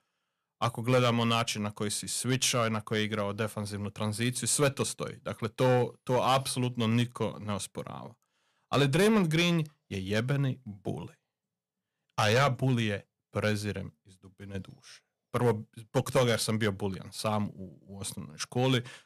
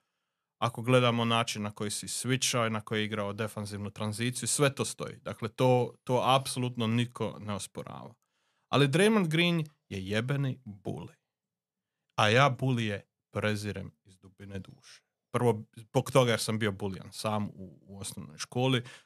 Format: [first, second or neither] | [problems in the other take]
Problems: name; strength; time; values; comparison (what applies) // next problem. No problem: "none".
second | distortion; slight; 2% of the sound clipped